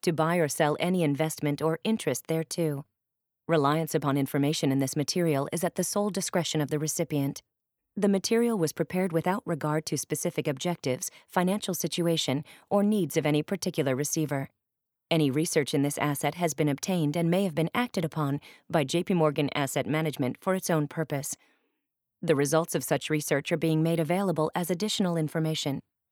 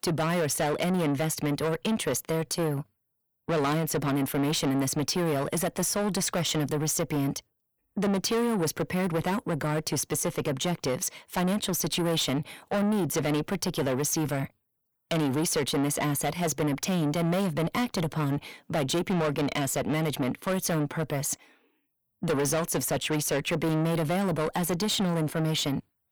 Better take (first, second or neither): first